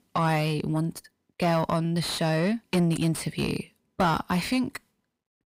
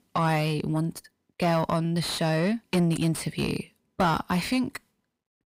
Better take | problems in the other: neither | distortion; heavy; 6 dB below the speech; the same in both

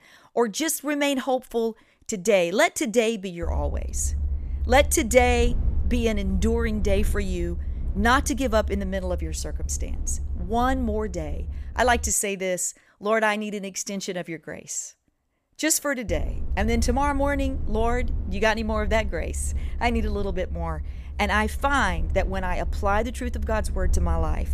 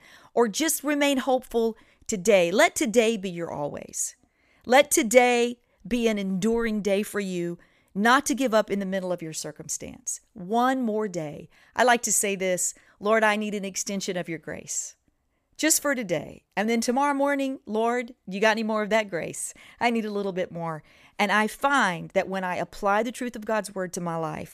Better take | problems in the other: second | low rumble; faint; from 3.5 to 12 s and from 16 s on; 25 dB below the speech

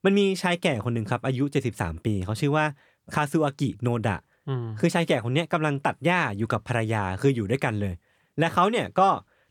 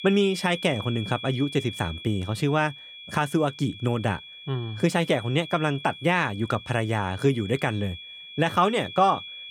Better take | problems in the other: first | high-pitched whine; noticeable; throughout; 3.5 kHz, 15 dB below the speech

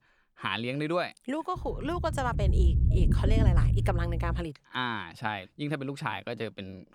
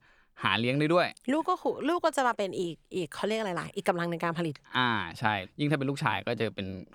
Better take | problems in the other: second | low rumble; loud; from 1.5 to 4.5 s; 8 dB below the speech

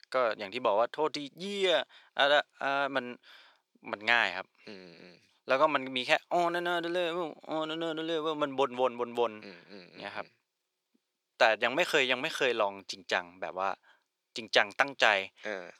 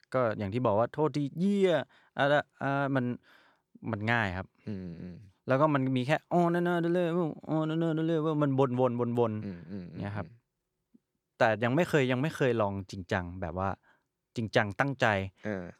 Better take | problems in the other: second | thin; somewhat; fading below 500 Hz

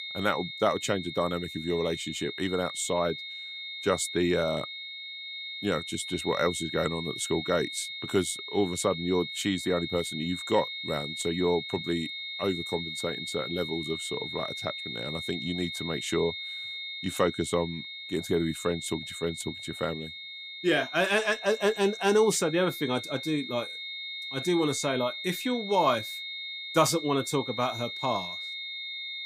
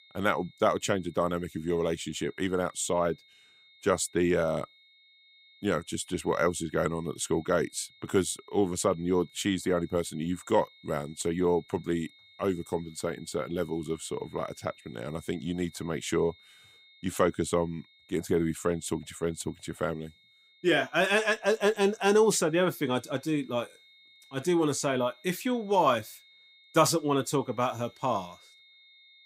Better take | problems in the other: second | high-pitched whine; loud; throughout; 3.5 kHz, 6 dB below the speech; faint in the second

